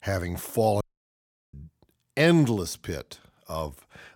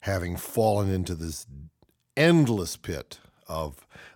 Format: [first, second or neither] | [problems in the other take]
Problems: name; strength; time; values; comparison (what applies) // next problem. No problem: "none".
second | audio cutting out; at 1 s for 0.5 s